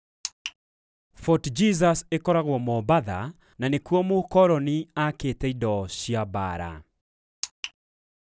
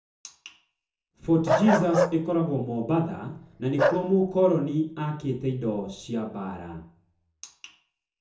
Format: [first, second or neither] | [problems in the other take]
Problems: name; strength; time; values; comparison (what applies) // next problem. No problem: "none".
first | background sound (Bark); 1 dB below the speech // room echo; dies away in 0.5 s